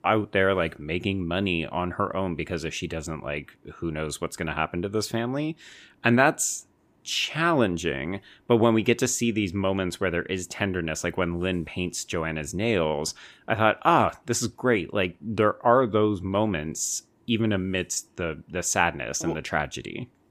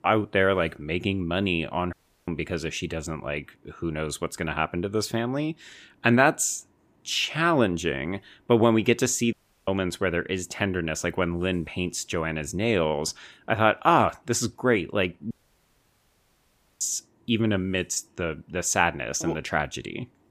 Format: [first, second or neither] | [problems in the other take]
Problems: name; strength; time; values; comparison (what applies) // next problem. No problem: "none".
first | audio cutting out; at 2 s, at 9.5 s and at 15 s for 1.5 s